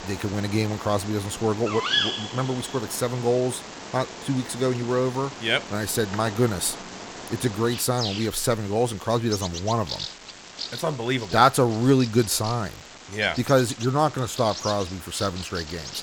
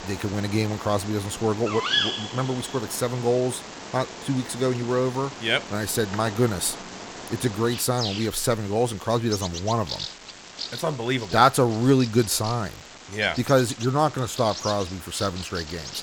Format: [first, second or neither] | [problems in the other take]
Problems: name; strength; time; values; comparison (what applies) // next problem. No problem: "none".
neither | animal sounds; loud; throughout; 9 dB below the speech; the same in both